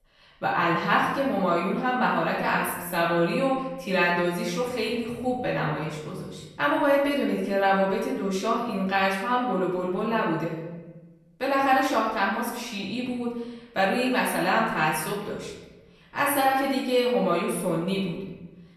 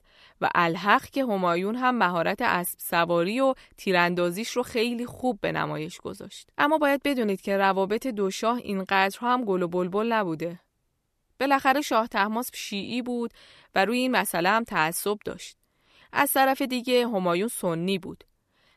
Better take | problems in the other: second | room echo; noticeable; dies away in 1.1 s // off-mic speech; far

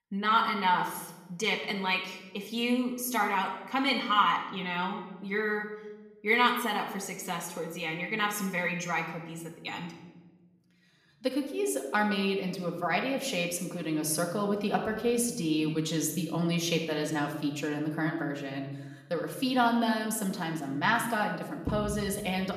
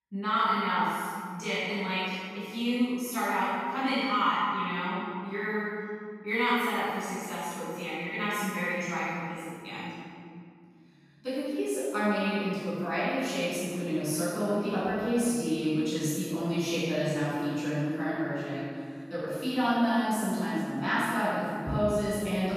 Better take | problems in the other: first | room echo; strong; dies away in 2.1 s; slight in the first // off-mic speech; far; somewhat distant in the first

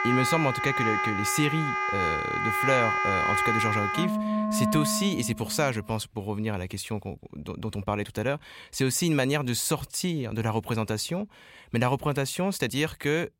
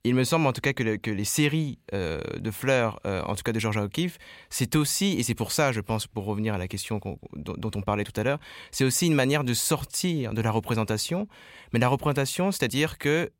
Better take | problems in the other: second | background music; very loud; until 5.5 s; 2 dB above the speech

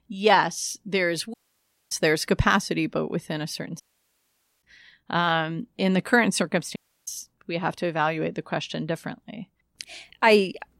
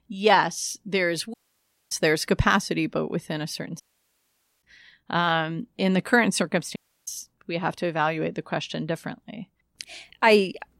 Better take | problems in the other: neither | audio cutting out; at 1.5 s for 0.5 s, at 4 s for 1 s and at 7 s; the same in both

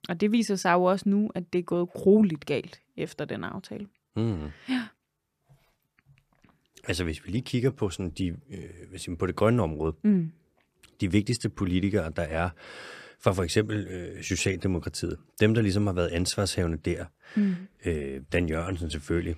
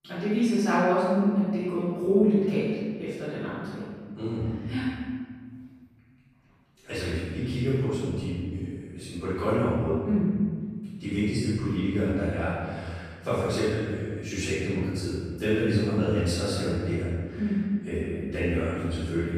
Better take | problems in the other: first | off-mic speech; far // room echo; strong; dies away in 1.7 s

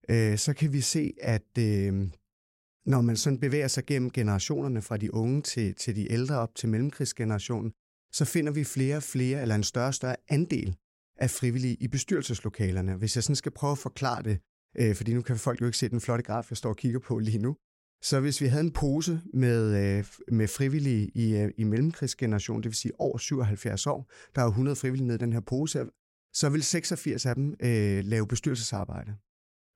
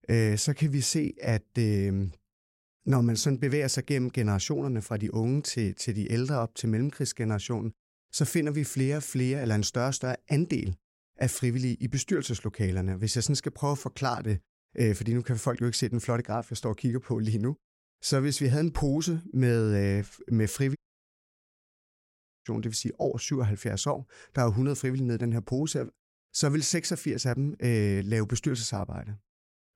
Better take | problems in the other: first | audio cutting out; at 21 s for 1.5 s

